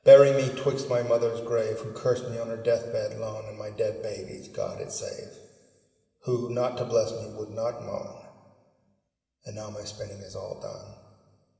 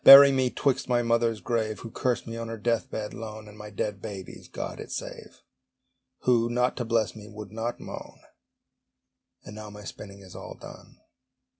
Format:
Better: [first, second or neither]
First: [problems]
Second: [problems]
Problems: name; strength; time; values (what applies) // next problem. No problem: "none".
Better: second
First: room echo; dies away in 2.1 s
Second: none